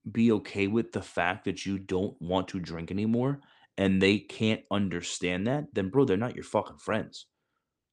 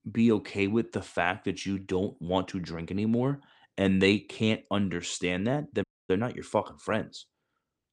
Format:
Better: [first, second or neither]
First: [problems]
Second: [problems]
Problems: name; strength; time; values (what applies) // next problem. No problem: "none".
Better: first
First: none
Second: audio cutting out; at 6 s